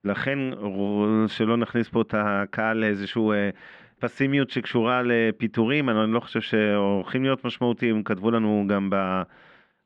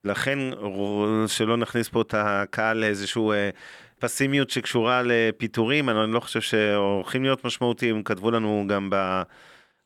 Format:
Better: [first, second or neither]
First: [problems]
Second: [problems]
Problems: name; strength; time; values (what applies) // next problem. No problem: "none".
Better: second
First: muffled; slightly; fading above 3 kHz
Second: none